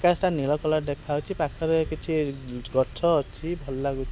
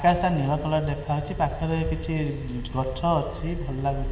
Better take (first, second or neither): first